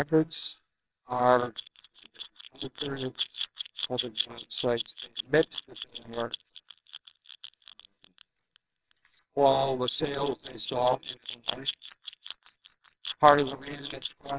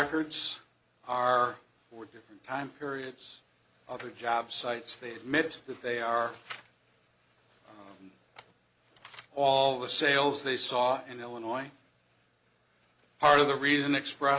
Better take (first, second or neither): second